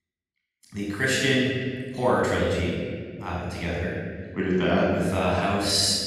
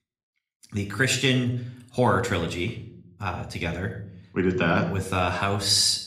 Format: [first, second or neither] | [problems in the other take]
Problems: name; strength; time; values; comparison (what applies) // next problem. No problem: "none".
second | room echo; strong; dies away in 2 s; slight in the second // off-mic speech; far